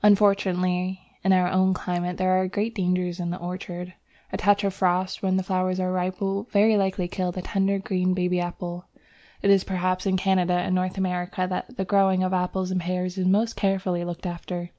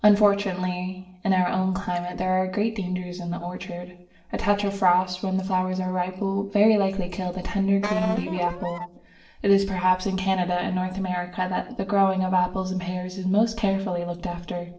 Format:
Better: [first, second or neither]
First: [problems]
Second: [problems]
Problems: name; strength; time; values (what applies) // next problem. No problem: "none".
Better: first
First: none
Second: noise reduction (neural separator model SepFormer DNS4)